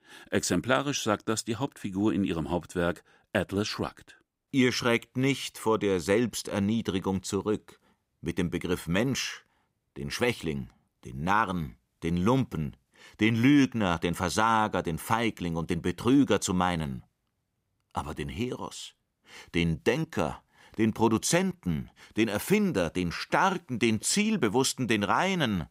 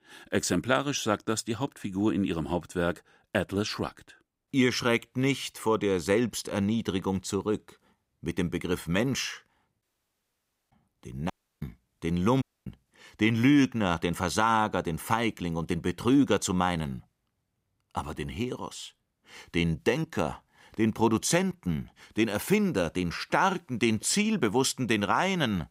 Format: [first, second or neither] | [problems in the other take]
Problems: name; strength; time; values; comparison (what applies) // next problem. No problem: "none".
first | audio cutting out; at 10 s for 1 s, at 11 s and at 12 s